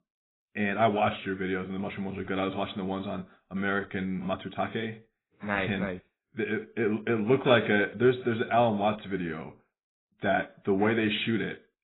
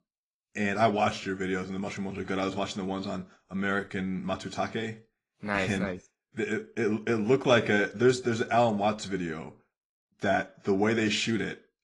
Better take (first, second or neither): second